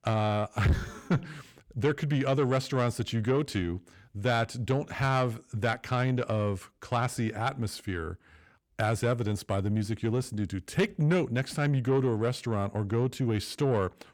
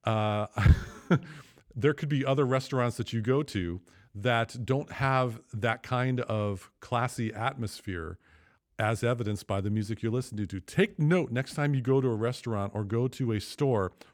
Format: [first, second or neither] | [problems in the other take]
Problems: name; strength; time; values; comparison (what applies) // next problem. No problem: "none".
second | distortion; slight; 10 dB below the speech